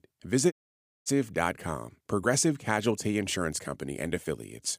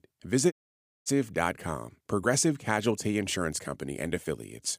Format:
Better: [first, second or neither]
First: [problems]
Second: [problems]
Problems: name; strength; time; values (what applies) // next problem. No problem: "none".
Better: neither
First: audio cutting out; at 0.5 s for 0.5 s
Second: audio cutting out; at 0.5 s for 0.5 s